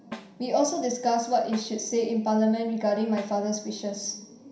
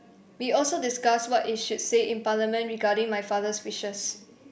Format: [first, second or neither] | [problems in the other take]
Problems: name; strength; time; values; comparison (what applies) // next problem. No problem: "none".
second | background sound (Snare drum); 20 dB below the speech // room echo; dies away in 0.5 s